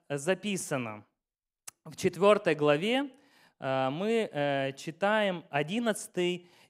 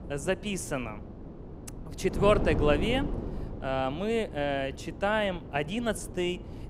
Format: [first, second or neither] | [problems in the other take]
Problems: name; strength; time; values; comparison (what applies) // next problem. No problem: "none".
first | wind noise on the microphone; occasional gusts; 15 dB below the speech